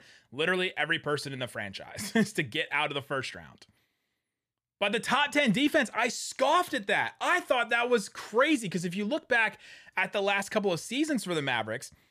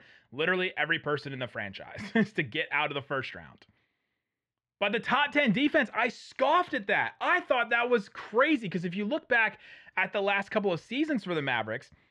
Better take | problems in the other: first | muffled; slightly; fading above 2.5 kHz

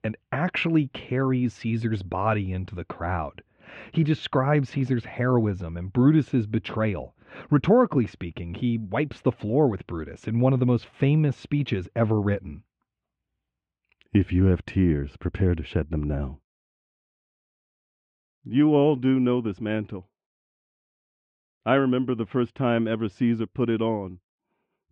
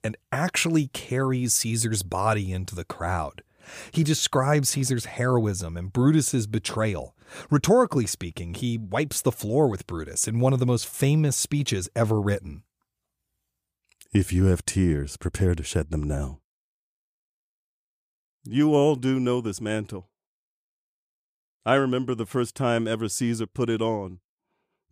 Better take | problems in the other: second | muffled; very; fading above 3 kHz

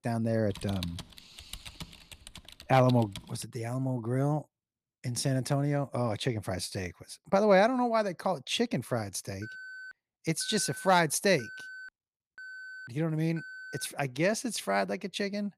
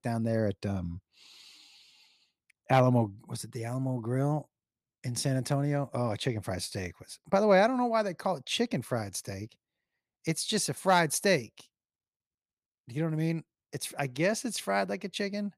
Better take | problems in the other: second | keyboard typing; faint; until 3.5 s; peak 10 dB below the speech // alarm; faint; from 9.5 to 14 s; peak 15 dB below the speech

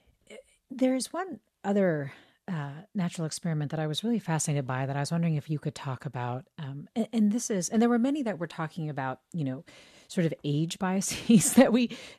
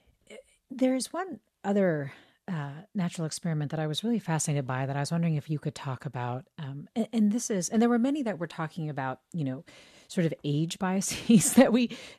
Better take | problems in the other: neither | none

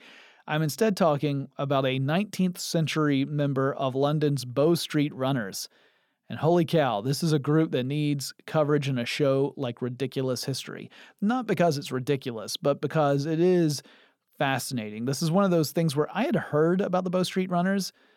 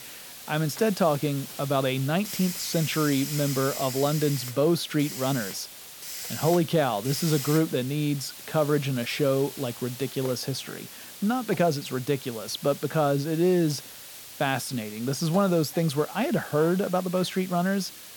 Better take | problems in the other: first | hiss; noticeable; throughout; 10 dB below the speech

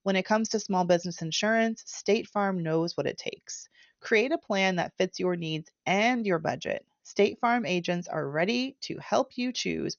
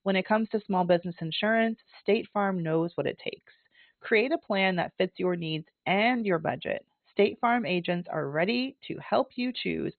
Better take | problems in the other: first | garbled, watery; badly; nothing above 4 kHz; slightly in the first

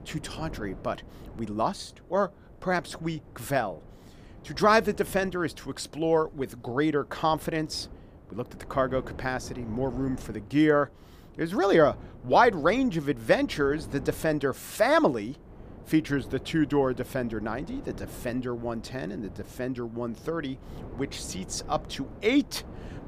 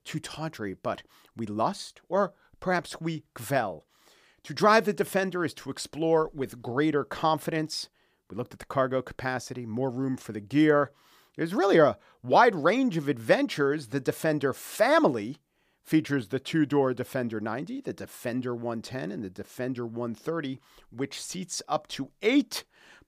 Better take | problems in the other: second | wind noise on the microphone; occasional gusts; 25 dB below the speech

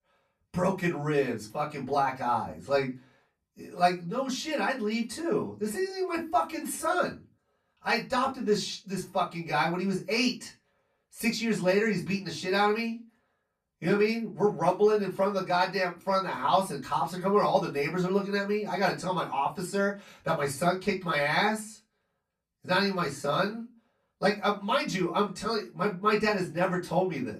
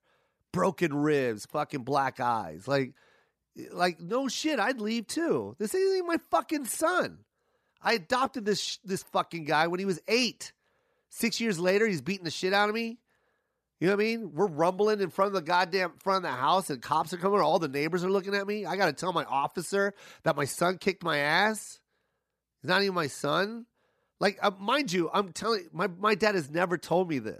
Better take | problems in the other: second | off-mic speech; far // room echo; very slight; dies away in 0.2 s

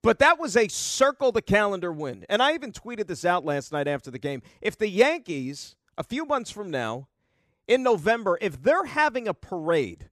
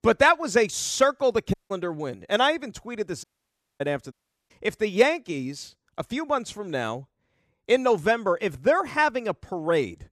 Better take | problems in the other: first | audio cutting out; at 1.5 s, at 3 s for 0.5 s and at 4 s

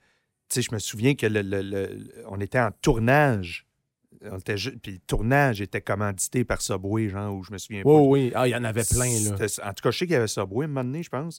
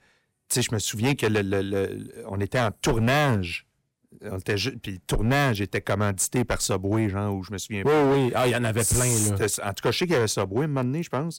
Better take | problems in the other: first | distortion; heavy; 9% of the sound clipped

